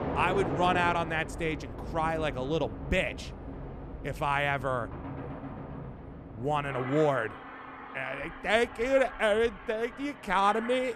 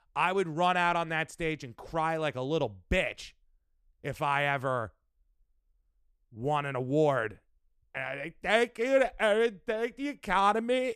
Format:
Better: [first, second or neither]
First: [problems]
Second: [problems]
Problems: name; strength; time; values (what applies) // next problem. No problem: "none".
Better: second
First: train or aircraft noise; noticeable; throughout; 10 dB below the speech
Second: none